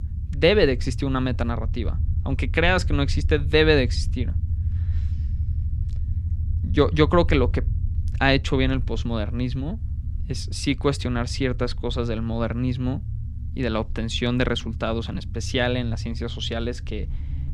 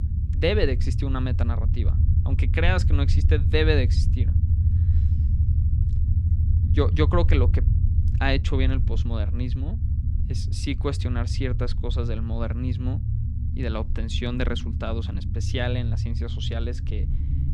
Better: first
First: low rumble; faint; throughout; 20 dB below the speech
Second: low rumble; loud; throughout; 10 dB below the speech

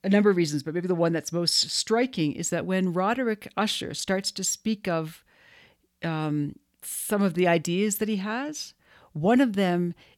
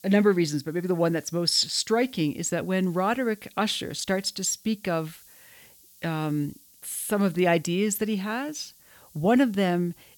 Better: first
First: none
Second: hiss; faint; throughout; 25 dB below the speech

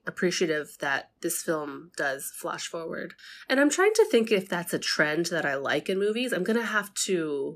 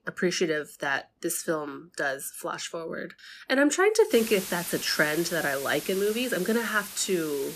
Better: first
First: none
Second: hiss; loud; from 4 s on; 10 dB below the speech

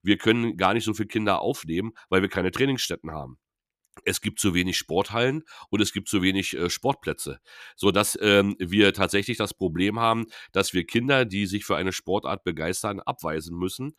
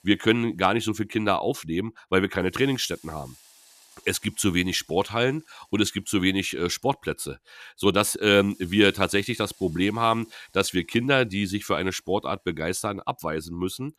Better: first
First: none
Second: hiss; faint; throughout; 30 dB below the speech

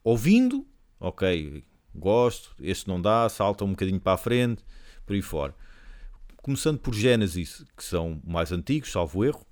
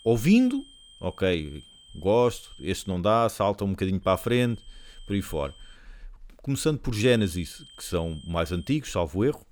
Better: first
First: none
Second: high-pitched whine; faint; until 3 s, from 4 to 6 s and from 7 to 9 s; 3 kHz, 25 dB below the speech

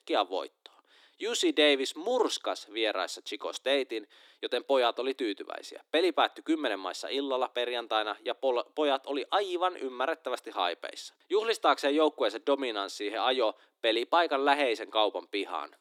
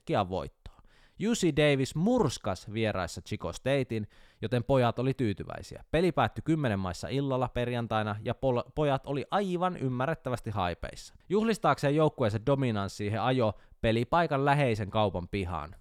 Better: second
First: thin; somewhat; fading below 300 Hz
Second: none

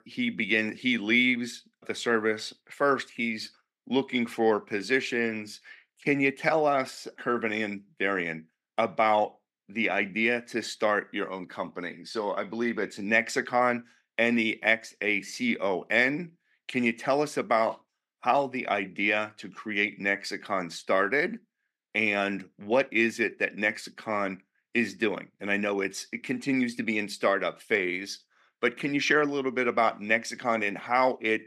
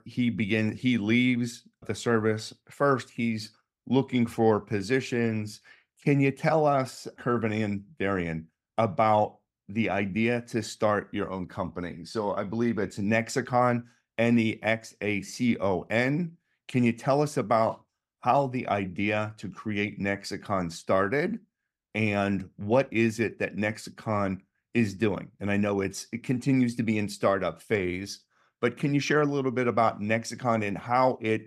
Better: second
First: thin; very slightly; fading below 300 Hz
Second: none

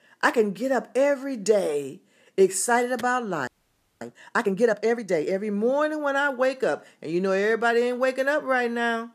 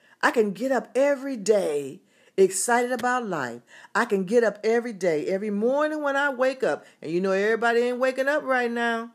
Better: second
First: audio freezing; at 3.5 s for 0.5 s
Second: none

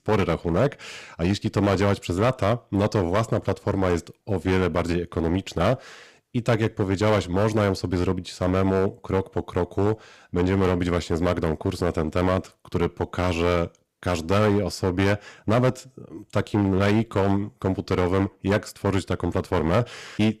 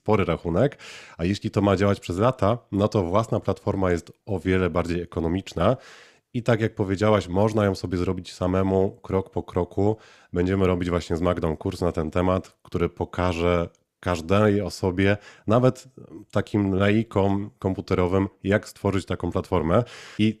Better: second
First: distortion; slight; 10% of the sound clipped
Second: none

